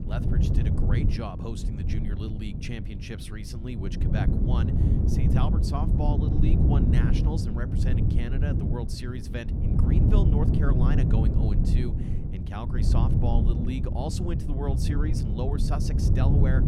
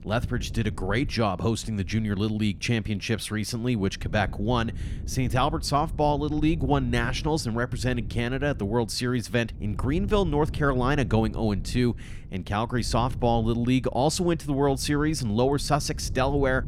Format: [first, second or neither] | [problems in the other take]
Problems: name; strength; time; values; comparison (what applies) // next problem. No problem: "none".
second | wind noise on the microphone; heavy; 1 dB above the speech; occasional gusts in the second